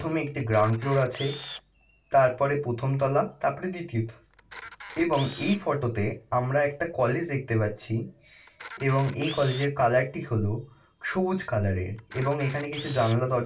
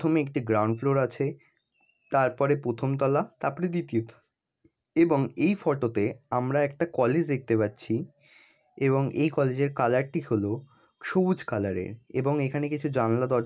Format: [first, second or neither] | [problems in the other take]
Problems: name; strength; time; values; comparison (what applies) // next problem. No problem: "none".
second | background sound (Camera); 19 dB below the speech // room echo; dies away in 0.2 s